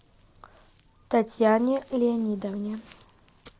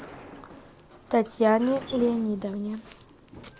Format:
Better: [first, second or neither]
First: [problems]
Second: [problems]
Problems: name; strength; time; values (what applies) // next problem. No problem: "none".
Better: first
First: none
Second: background sound (Sliding door); 17 dB below the speech